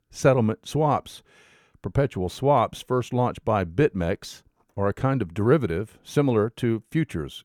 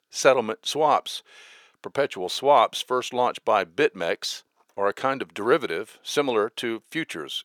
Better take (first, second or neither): first